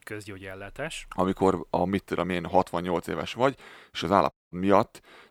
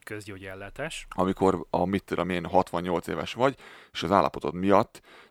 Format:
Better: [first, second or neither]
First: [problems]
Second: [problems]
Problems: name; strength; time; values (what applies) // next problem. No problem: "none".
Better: second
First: audio cutting out; at 4.5 s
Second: none